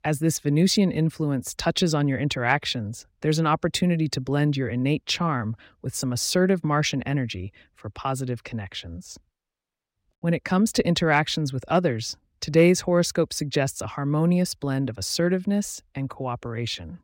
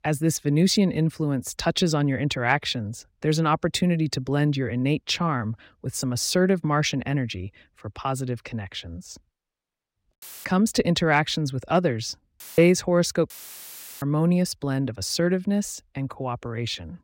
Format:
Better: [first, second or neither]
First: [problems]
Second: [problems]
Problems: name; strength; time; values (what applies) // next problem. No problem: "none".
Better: first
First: none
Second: audio cutting out; filled with static; at 10 s, at 12 s and at 13 s for 0.5 s